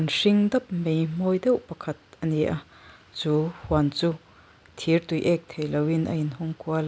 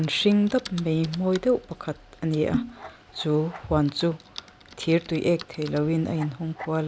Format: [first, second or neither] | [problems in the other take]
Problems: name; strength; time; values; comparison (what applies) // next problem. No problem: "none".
first | background sound (Typing); 14 dB below the speech